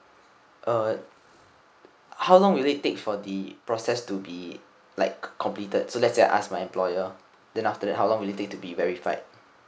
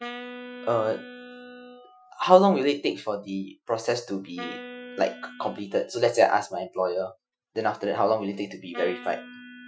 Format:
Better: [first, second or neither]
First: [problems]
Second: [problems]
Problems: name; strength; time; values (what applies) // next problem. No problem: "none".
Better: first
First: none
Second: noise reduction (classical method Wiener filter)